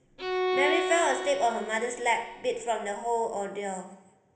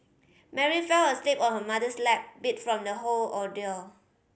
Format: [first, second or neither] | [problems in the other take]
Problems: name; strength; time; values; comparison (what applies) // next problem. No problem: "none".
second | background sound (Bowed string instrument); 4 dB below the speech // room echo; dies away in 1 s